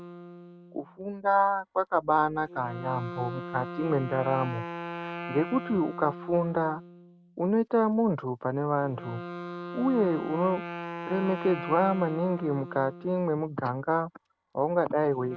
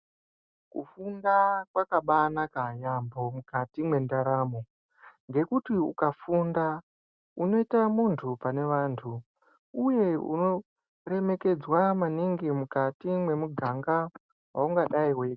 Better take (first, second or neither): second